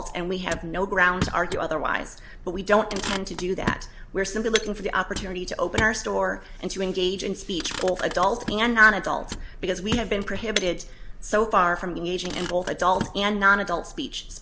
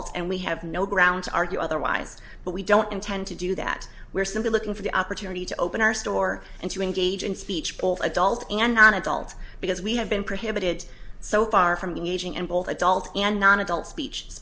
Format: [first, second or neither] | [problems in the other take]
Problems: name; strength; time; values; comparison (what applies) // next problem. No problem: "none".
second | background sound (Motor vehicle (road) + Shatter); 11 dB below the speech